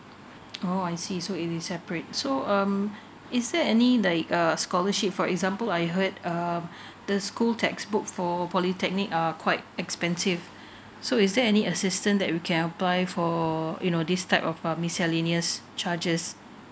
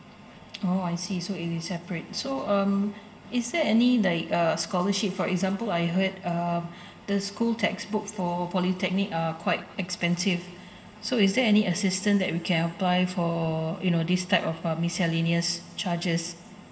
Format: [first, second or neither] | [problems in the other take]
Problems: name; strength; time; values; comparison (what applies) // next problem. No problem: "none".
first | room echo; dies away in 2.6 s